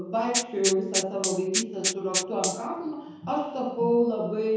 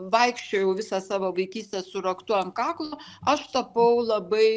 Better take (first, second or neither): second